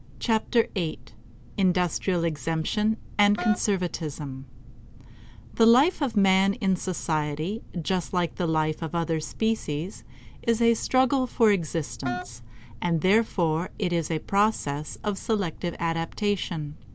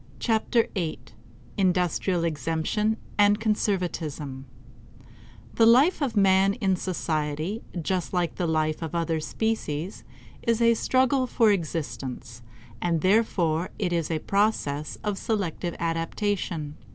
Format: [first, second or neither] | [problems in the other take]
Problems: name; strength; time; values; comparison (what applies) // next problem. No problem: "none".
second | background sound (Wind instrument, woodwind instrument); 10 dB below the speech